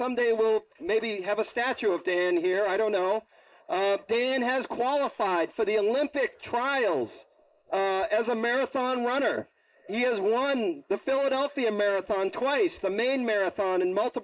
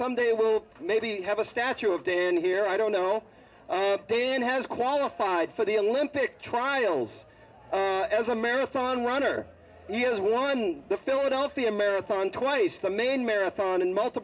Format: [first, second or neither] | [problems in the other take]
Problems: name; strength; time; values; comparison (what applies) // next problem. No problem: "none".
second | noise reduction (neural mask model Resemble Enhance denoiser)